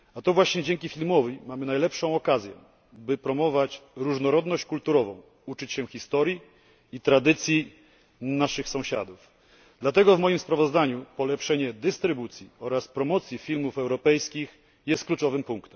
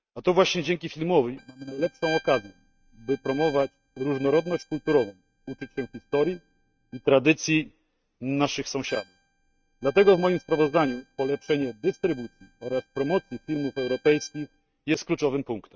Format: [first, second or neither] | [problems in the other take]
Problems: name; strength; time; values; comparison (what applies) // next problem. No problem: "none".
first | noise reduction (neural mask model RNNoise)